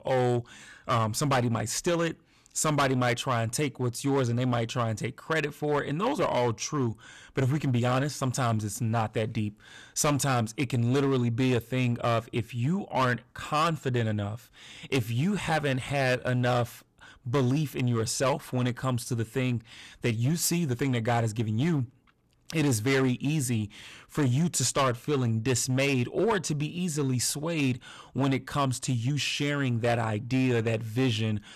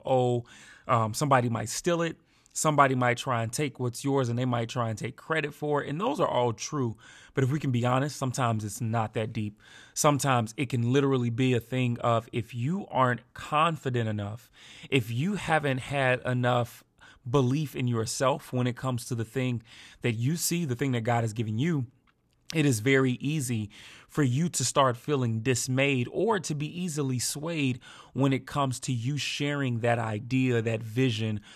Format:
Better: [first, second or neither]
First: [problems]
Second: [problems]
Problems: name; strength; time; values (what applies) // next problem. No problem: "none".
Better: second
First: distortion; slight; 8% of the sound clipped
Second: none